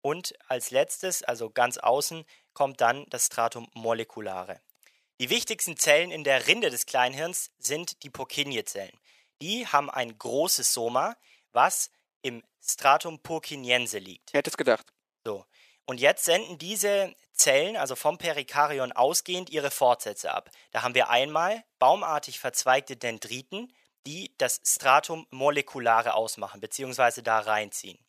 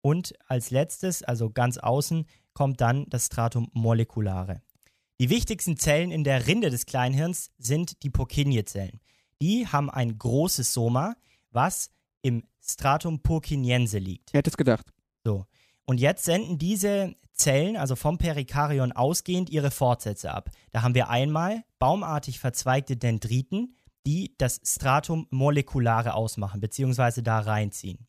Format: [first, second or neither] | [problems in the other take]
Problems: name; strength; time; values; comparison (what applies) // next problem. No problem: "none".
second | thin; very; fading below 550 Hz